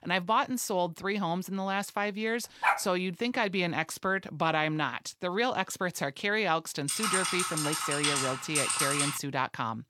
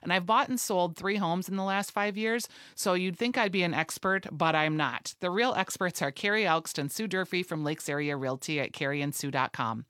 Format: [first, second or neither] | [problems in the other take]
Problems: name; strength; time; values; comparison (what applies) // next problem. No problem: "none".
second | dog barking; loud; at 2.5 s; peak 2 dB above the speech // keyboard typing; loud; from 7 to 9 s; peak 4 dB above the speech